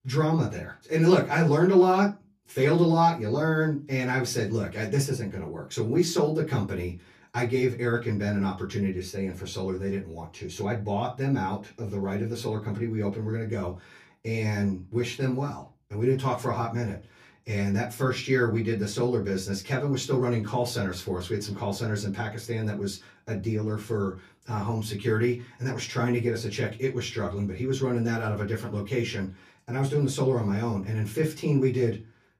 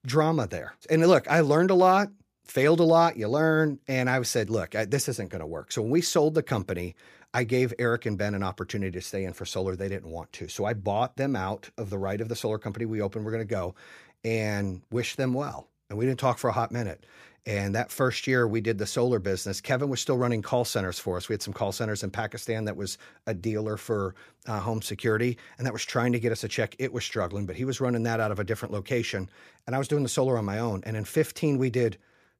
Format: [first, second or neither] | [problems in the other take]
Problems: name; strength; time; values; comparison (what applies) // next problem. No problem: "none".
second | off-mic speech; far // room echo; very slight; dies away in 0.2 s